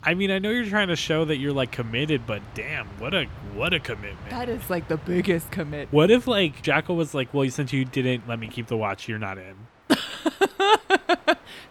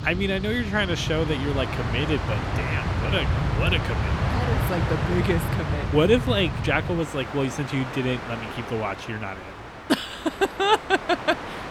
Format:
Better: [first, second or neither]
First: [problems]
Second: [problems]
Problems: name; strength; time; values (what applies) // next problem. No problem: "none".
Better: first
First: train or aircraft noise; faint; throughout; 20 dB below the speech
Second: train or aircraft noise; loud; throughout; 3 dB below the speech